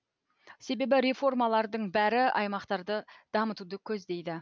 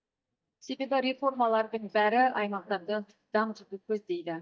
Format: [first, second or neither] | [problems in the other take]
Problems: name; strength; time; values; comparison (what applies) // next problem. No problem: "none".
first | noise reduction (neural mask model DeepFilterNet 3)